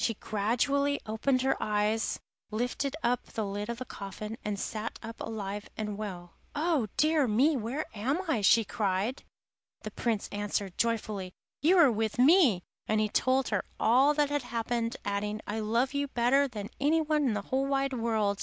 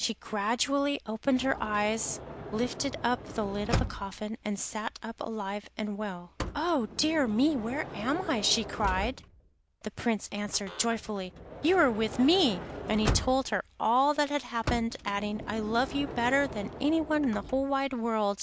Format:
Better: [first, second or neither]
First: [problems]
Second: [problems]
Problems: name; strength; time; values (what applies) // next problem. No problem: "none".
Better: first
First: none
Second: background sound (Sliding door / Motor vehicle (road)); 10 dB below the speech